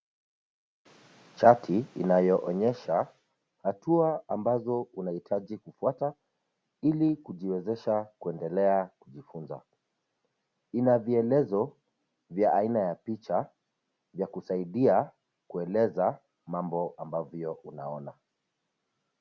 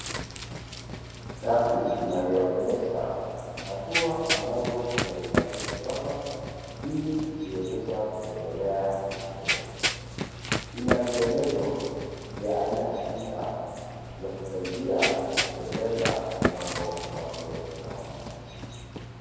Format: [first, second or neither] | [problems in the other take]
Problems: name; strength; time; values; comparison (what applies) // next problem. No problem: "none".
first | background sound (Run); 4 dB below the speech // room echo; dies away in 2.2 s